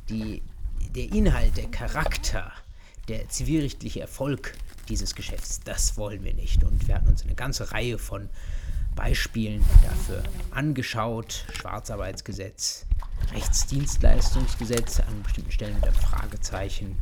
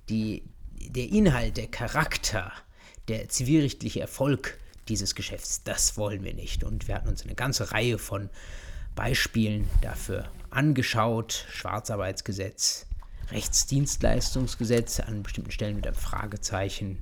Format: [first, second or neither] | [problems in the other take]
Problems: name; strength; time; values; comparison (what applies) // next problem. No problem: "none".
second | wind noise on the microphone; heavy; 10 dB below the speech; occasional gusts in the second